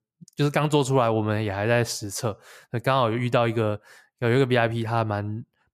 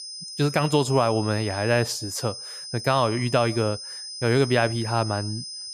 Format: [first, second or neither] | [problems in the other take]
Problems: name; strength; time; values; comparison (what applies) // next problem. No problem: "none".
first | high-pitched whine; loud; throughout; 5 kHz, 10 dB below the speech